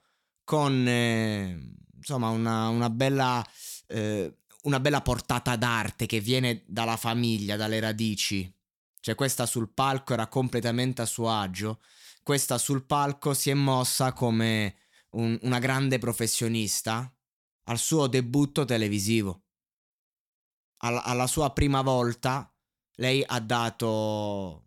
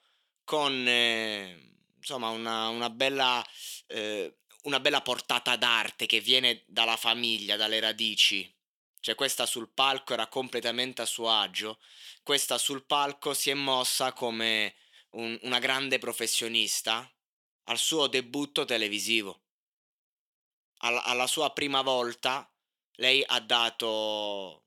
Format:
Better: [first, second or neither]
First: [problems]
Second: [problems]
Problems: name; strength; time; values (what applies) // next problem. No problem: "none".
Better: first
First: none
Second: thin; somewhat; fading below 450 Hz